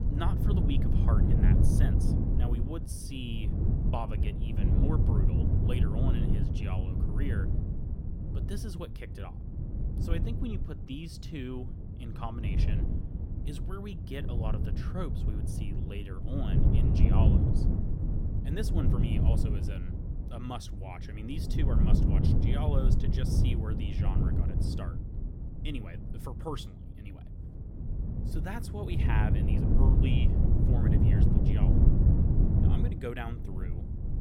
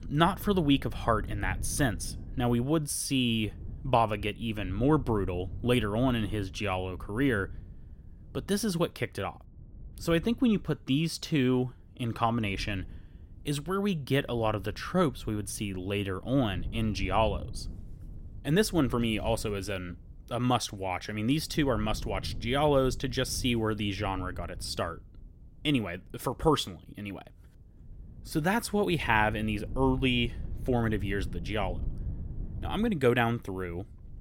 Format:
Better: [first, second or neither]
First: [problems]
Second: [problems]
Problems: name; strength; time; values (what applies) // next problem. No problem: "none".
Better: second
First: wind noise on the microphone; heavy; 2 dB above the speech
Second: wind noise on the microphone; occasional gusts; 25 dB below the speech